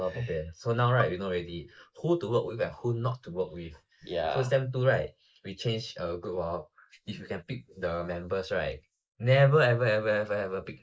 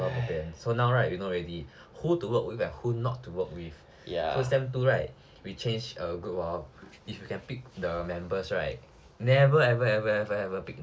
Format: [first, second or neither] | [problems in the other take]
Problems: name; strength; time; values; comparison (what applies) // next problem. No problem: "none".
second | noise reduction (neural mask model Resemble Enhance denoiser)